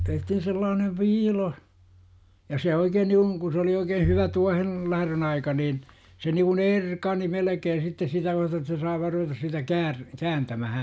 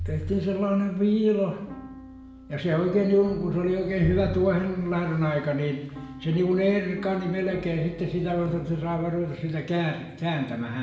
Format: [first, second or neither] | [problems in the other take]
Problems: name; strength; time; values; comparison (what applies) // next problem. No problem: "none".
first | background sound (Piano); 17 dB below the speech // room echo; dies away in 0.9 s